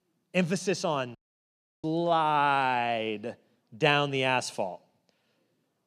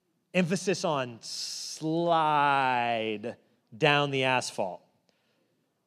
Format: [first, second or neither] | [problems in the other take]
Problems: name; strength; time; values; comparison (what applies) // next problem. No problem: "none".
second | audio cutting out; at 1 s for 0.5 s